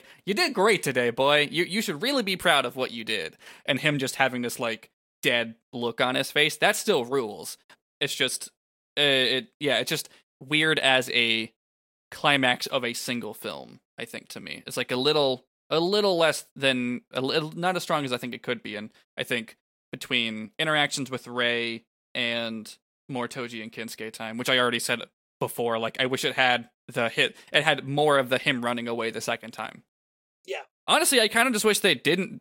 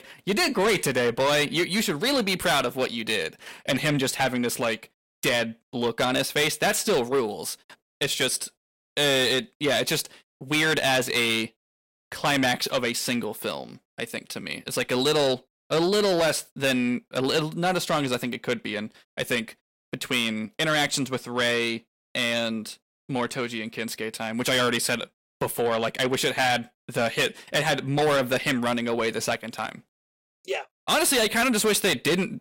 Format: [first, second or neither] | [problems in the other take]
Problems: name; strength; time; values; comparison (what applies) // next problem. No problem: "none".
first | distortion; heavy; 7 dB below the speech